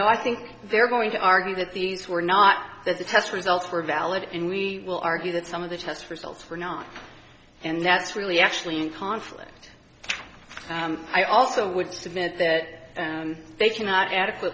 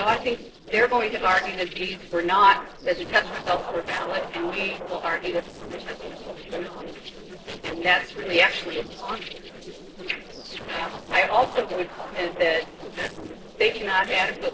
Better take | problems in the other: first | noise reduction (neural separator model SepFormer DNS4)

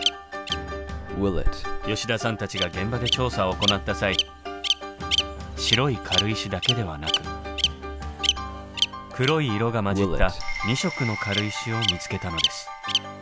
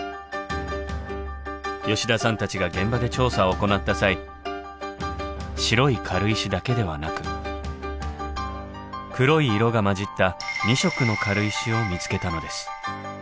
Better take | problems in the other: second | background sound (Bird vocalization, bird call, bird song); 1 dB below the speech

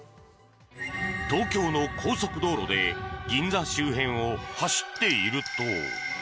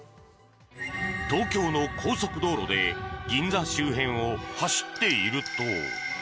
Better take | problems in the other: first | background sound (Electric guitar); 15 dB below the speech

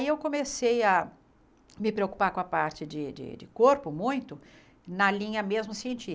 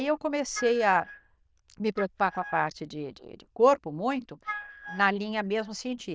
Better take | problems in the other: first | noise reduction (neural diffusion model UNIVERSE++)

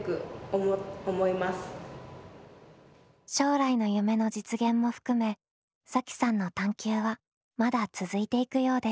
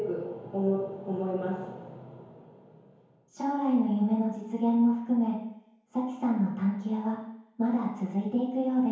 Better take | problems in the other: first | room echo; dies away in 1 s

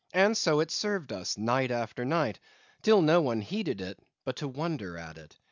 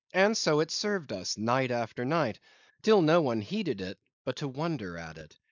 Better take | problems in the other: first | noise reduction (neural mask model Resemble Enhance denoiser)

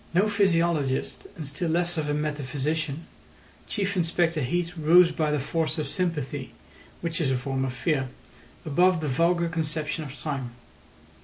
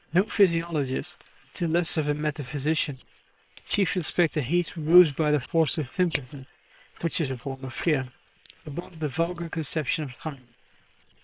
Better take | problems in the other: first | noise reduction (neural separator model SepFormer WHAM!)

